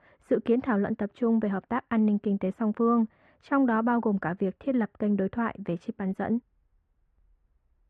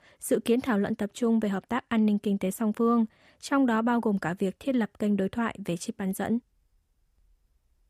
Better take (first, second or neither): second